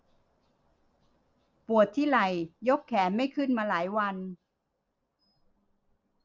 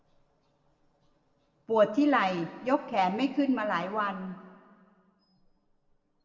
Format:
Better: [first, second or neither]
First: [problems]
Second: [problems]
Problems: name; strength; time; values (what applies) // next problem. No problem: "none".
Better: first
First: none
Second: room echo; dies away in 1.3 s